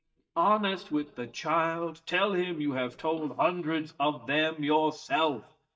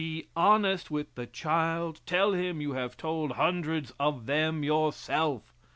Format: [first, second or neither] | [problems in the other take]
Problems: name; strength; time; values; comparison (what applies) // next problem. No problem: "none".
second | noise reduction (neural mask model DeepFilterNet 3)